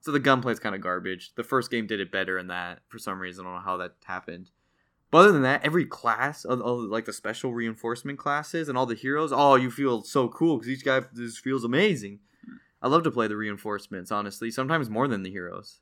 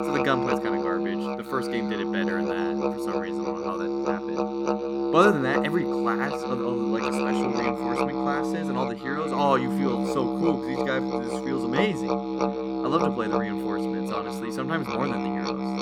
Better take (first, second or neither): first